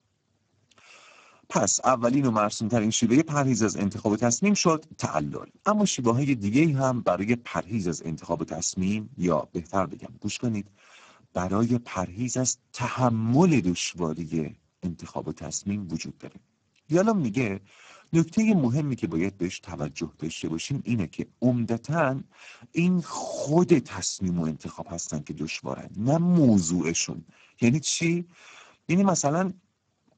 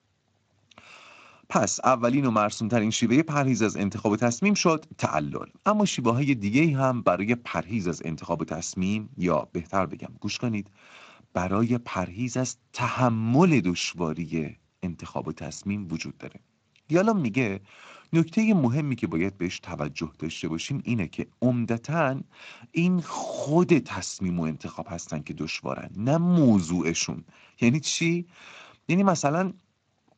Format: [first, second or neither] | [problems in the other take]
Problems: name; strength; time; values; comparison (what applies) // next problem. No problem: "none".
second | garbled, watery; badly; nothing above 7.5 kHz; slightly in the second